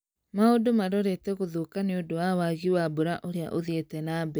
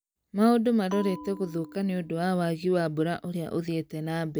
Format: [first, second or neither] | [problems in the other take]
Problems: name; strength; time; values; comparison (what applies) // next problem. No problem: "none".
first | background sound (Bell); 18 dB below the speech